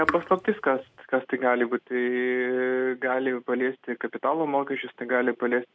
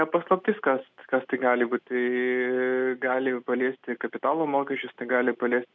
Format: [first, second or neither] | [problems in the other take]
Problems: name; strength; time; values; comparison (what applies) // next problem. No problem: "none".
second | background sound (Raindrop / Drip); 8 dB below the speech